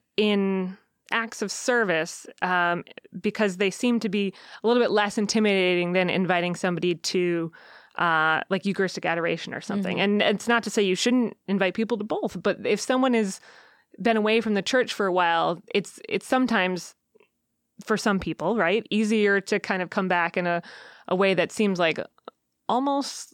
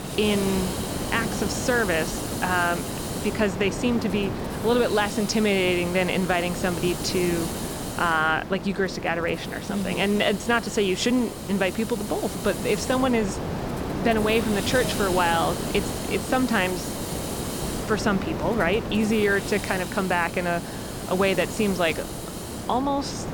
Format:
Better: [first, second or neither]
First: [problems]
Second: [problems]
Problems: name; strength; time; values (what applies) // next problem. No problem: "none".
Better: first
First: none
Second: hiss; loud; throughout; 6 dB below the speech